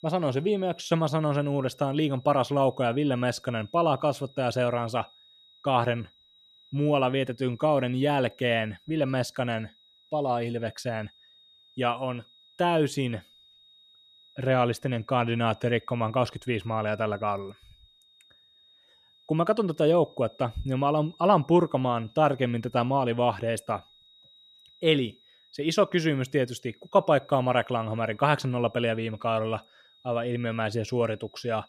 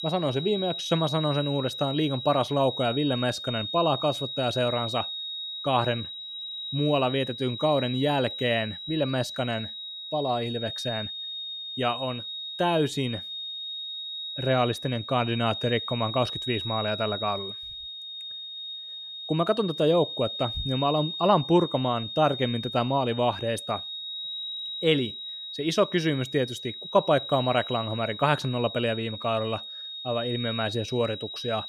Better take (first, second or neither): first